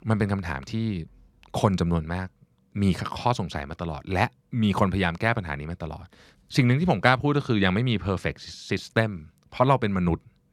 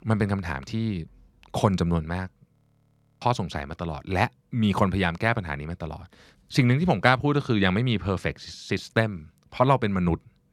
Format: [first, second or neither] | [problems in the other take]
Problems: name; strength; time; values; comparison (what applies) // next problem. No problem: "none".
first | audio freezing; at 2.5 s for 0.5 s